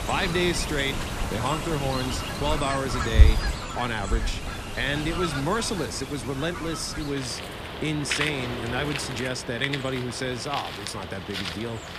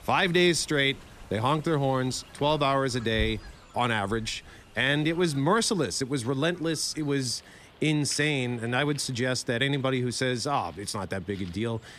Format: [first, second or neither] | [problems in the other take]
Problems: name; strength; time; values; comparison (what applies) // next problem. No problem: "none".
second | animal sounds; loud; throughout; 1 dB below the speech; faint in the second